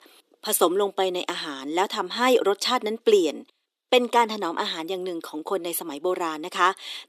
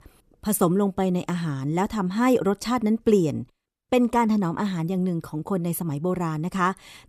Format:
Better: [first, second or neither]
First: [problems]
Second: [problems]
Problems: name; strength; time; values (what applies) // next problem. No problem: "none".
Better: second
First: thin; somewhat; fading below 300 Hz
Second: none